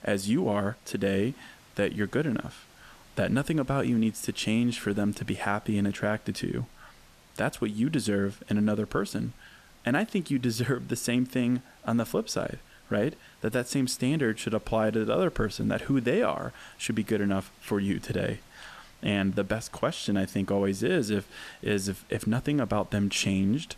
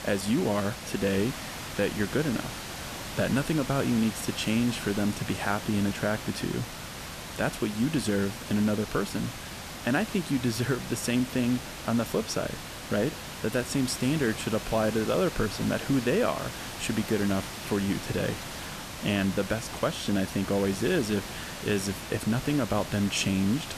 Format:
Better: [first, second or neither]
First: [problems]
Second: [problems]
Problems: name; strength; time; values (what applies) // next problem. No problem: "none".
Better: first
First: hiss; faint; throughout; 25 dB below the speech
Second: hiss; loud; throughout; 8 dB below the speech